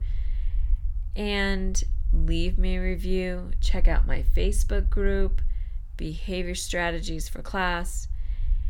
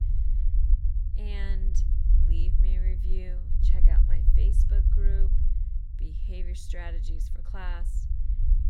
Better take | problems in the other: first | low rumble; loud; throughout; 3 dB below the speech; faint in the first

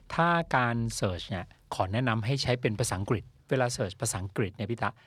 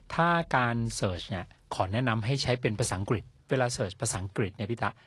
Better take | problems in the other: first | garbled, watery; slightly

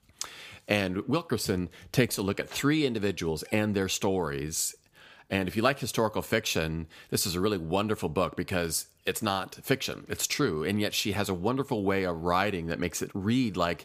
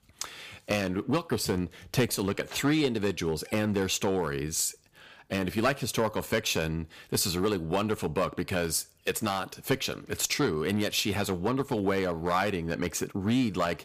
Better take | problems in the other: first | distortion; slight; 3% of the sound clipped

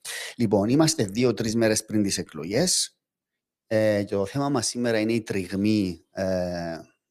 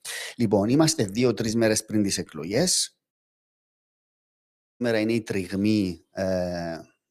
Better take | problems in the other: first | audio cutting out; at 3 s for 1.5 s

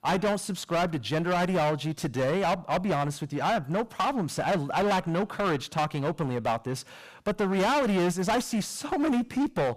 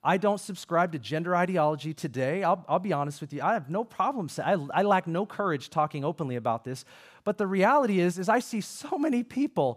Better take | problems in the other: second | distortion; heavy; 20% of the sound clipped

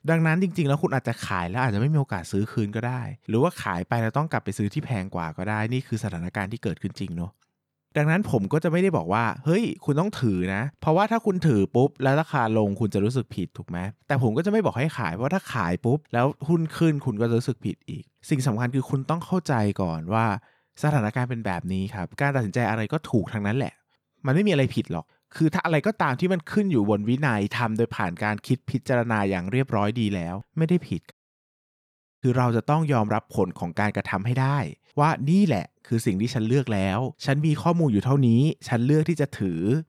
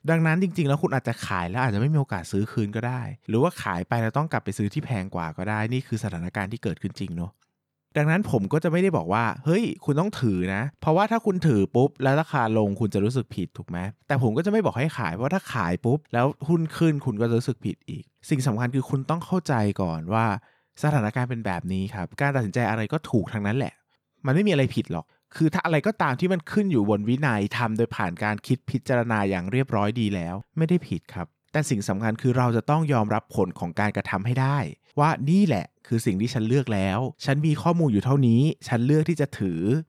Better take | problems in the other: second | audio cutting out; at 31 s for 1 s

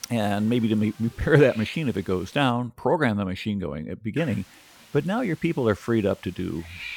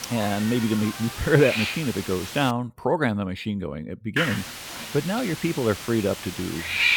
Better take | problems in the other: first | hiss; loud; until 2.5 s and from 4 s on; 5 dB below the speech; faint in the first

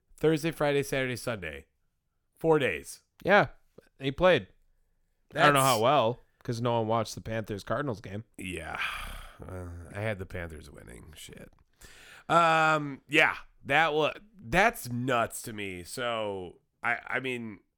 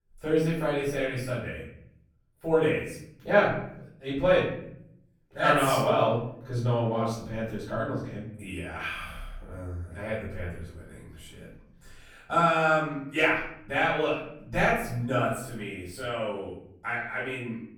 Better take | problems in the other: first | off-mic speech; far // room echo; noticeable; dies away in 0.7 s

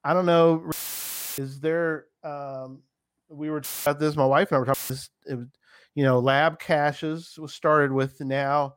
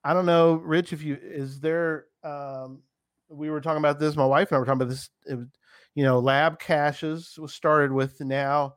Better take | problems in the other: second | audio cutting out; filled with static; at 0.5 s for 0.5 s, at 3.5 s and at 4.5 s

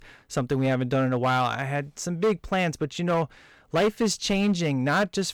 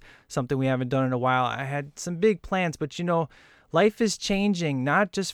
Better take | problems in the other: second | distortion; slight; 7% of the sound clipped

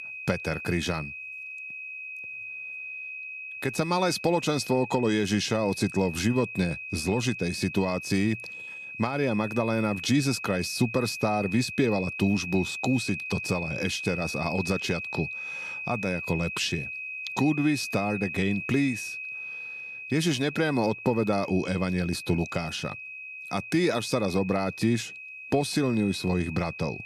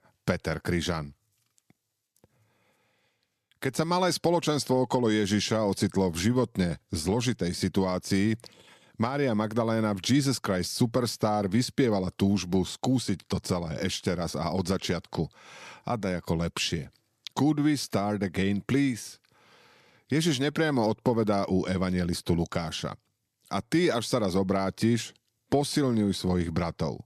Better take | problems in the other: second | high-pitched whine; loud; throughout; 2.5 kHz, 8 dB below the speech

